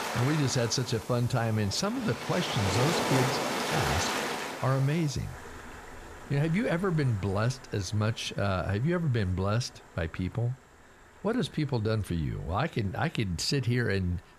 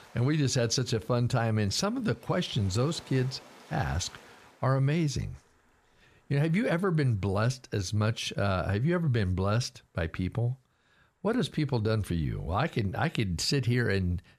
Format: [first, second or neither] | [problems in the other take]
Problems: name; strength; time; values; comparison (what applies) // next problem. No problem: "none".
second | rain or running water; loud; throughout; 4 dB below the speech; faint in the second